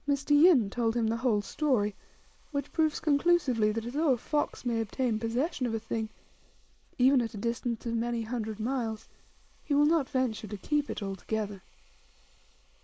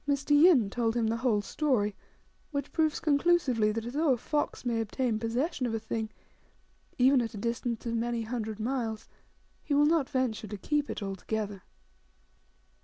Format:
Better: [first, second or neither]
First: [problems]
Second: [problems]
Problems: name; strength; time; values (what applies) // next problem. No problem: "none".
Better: second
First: noise reduction (neural mask model Resemble Enhance denoiser)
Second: none